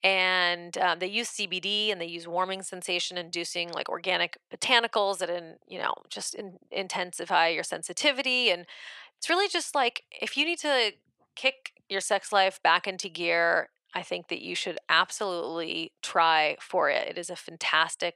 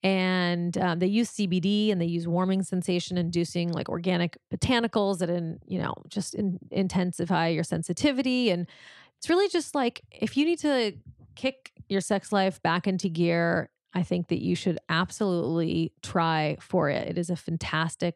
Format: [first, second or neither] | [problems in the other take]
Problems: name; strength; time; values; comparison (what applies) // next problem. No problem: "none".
second | thin; very; fading below 750 Hz